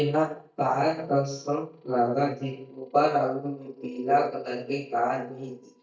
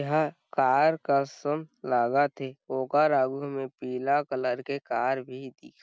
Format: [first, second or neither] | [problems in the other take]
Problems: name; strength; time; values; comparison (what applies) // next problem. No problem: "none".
second | noise reduction (neural mask model DeepFilterNet 3)